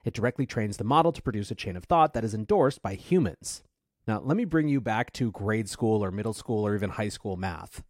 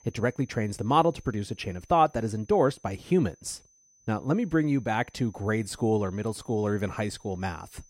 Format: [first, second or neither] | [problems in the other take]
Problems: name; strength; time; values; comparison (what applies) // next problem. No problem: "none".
first | high-pitched whine; faint; throughout; 6 kHz, 30 dB below the speech